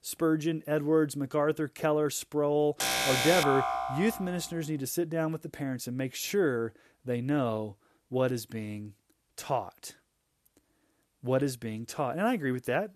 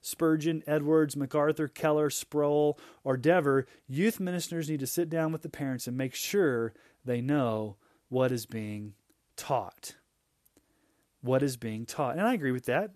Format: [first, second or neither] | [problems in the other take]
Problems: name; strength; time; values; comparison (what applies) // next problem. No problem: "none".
second | alarm; loud; from 3 to 4.5 s; peak 4 dB above the speech